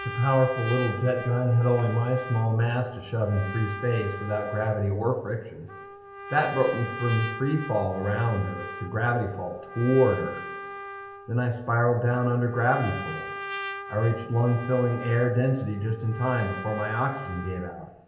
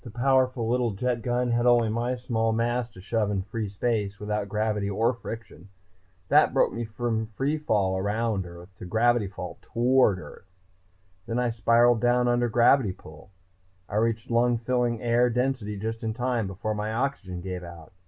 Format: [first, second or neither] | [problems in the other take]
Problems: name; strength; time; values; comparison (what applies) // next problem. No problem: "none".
second | background sound (Trumpet); 12 dB below the speech // room echo; dies away in 0.8 s